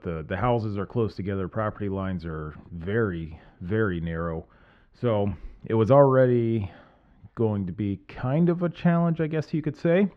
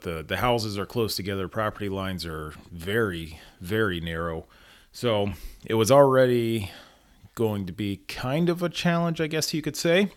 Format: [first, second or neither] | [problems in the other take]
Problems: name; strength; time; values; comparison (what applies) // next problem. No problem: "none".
second | muffled; very; fading above 1.5 kHz